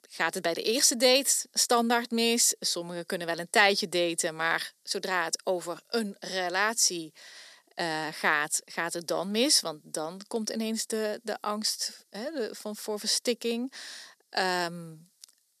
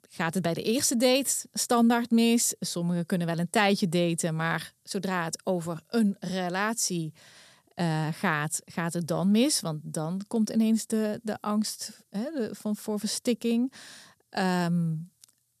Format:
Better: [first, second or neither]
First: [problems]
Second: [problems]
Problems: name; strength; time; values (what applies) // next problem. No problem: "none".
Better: second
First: thin; somewhat; fading below 300 Hz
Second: none